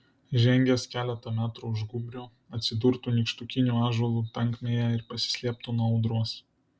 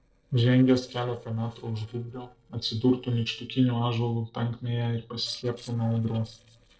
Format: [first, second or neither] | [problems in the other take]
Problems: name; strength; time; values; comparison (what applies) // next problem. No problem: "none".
first | noise reduction (neural separator model SepFormer DNS4)